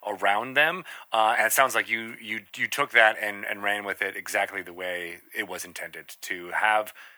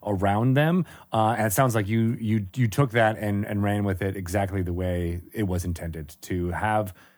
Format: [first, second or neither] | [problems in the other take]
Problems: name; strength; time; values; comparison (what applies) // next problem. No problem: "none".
second | thin; very; fading below 700 Hz